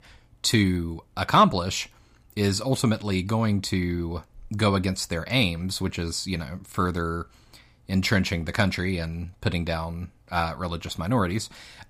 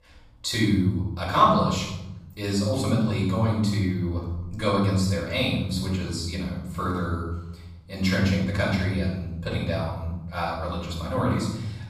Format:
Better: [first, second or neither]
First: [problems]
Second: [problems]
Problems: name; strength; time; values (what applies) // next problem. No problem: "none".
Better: first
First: none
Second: off-mic speech; far // room echo; noticeable; dies away in 1.2 s